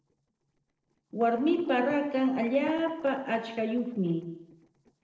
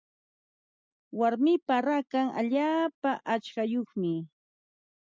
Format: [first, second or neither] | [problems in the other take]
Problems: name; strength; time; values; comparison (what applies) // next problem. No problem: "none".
second | noise reduction (neural separator model SepFormer DNS4)